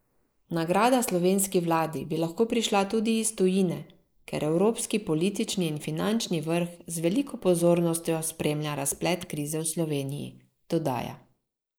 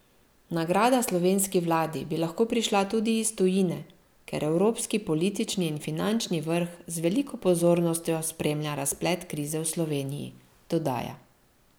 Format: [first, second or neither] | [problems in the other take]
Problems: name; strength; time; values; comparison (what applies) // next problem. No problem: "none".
second | noise reduction (neural mask model Resemble Enhance denoiser)